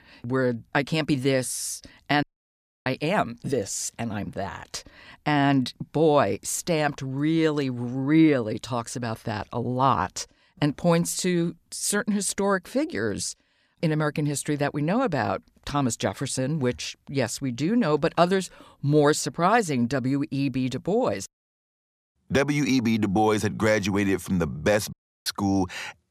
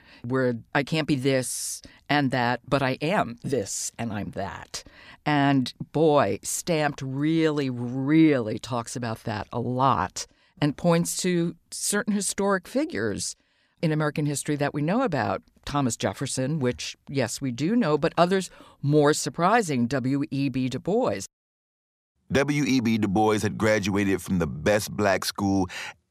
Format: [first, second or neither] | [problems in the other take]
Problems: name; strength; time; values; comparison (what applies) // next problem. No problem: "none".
second | audio cutting out; at 2 s for 0.5 s and at 25 s